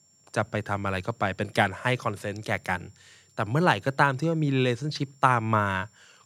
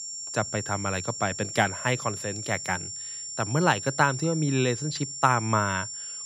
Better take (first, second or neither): first